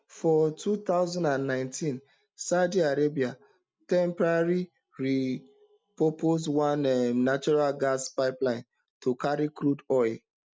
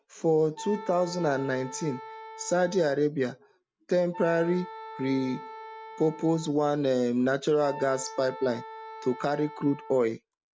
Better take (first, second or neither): first